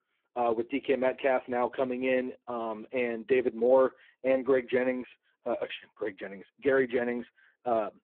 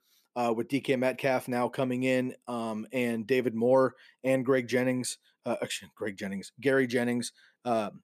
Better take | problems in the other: second | phone-call audio; poor line

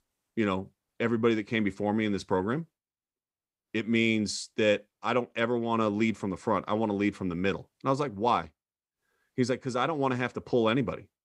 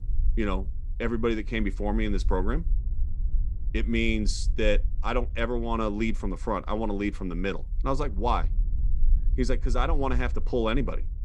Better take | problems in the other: first | low rumble; faint; throughout; 25 dB below the speech

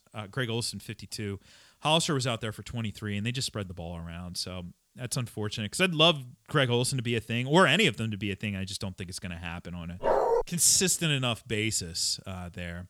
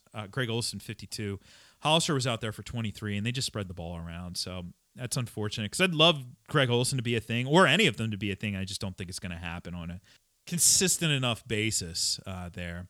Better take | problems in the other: second | dog barking; loud; at 10 s; peak 3 dB above the speech

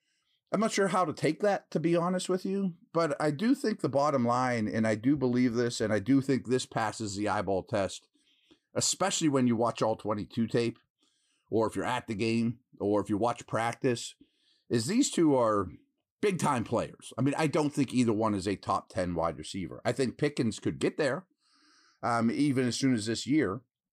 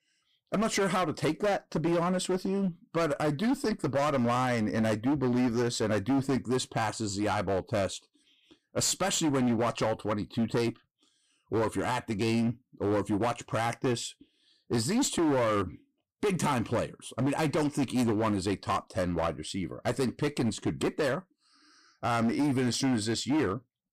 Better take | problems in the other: first | distortion; slight; 14% of the sound clipped

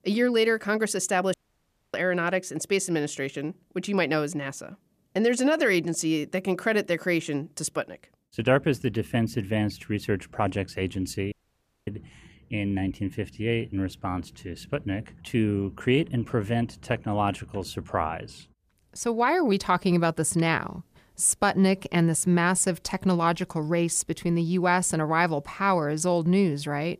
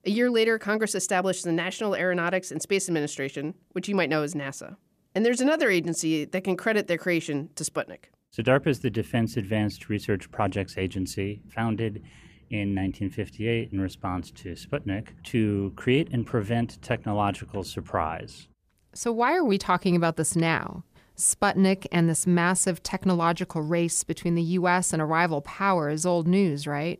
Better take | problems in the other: second | audio cutting out; at 1.5 s for 0.5 s and at 11 s for 0.5 s

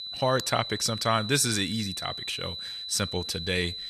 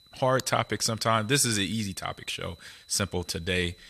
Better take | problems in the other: second | high-pitched whine; loud; throughout; 4 kHz, 7 dB below the speech; faint in the second

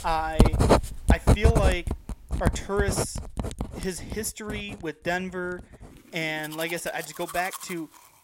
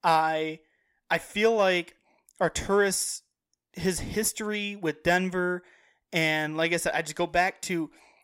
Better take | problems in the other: second | household noises; very loud; throughout; 4 dB above the speech

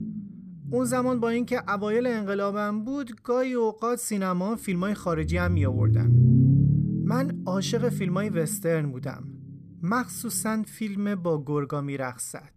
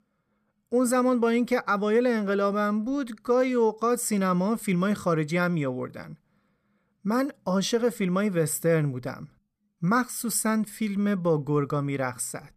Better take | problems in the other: second | low rumble; loud; throughout; 6 dB below the speech

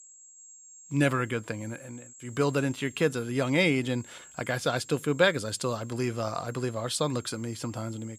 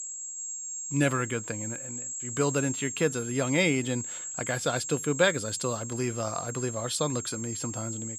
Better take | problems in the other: first | high-pitched whine; loud; throughout; 7.5 kHz, 5 dB below the speech; faint in the first

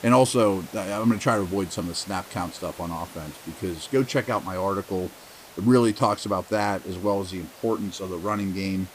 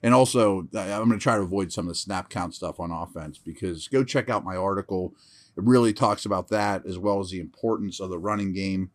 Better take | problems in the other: second | hiss; noticeable; throughout; 20 dB below the speech

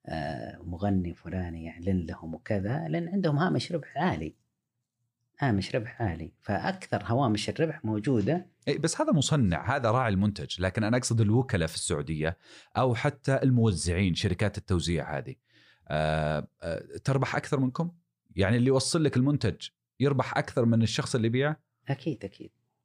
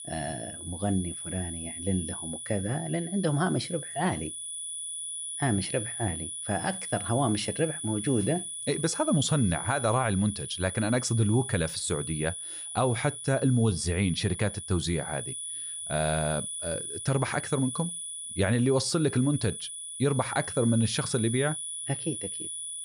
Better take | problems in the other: first | high-pitched whine; loud; throughout; 10 kHz, 6 dB below the speech

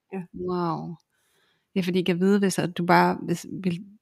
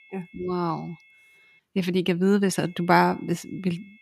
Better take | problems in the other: first | high-pitched whine; faint; until 1.5 s and from 2.5 s on; 2 kHz, 30 dB below the speech

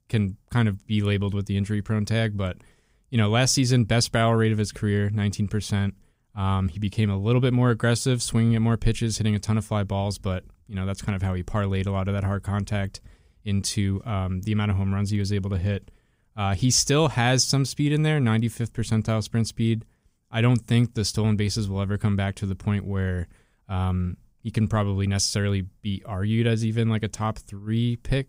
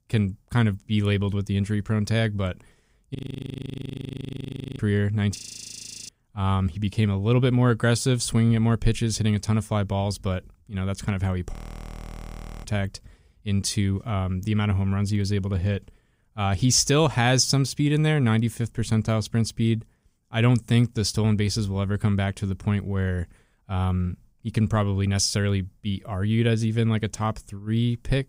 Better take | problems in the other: first | audio freezing; at 3 s for 1.5 s, at 5.5 s for 0.5 s and at 12 s for 1 s

